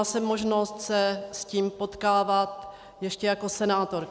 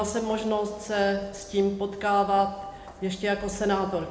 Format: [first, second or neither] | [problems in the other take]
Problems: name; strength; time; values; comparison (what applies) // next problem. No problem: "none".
first | background sound (Walk, footsteps); 20 dB below the speech // room echo; dies away in 0.9 s